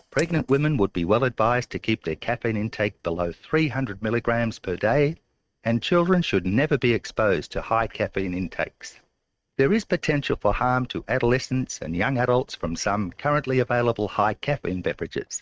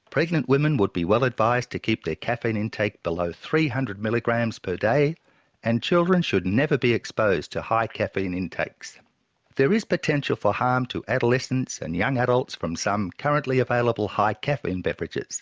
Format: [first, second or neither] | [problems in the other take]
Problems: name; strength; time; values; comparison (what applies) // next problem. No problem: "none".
second | noise reduction (neural mask model RNNoise)